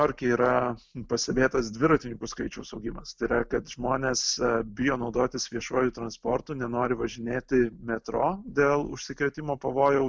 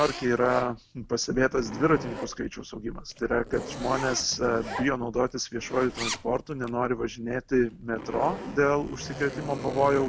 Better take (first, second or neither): first